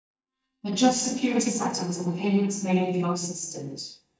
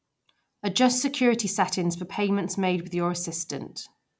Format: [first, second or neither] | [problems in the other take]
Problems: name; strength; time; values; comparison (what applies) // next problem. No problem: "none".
second | noise reduction (neural mask model DeepFilterNet 3)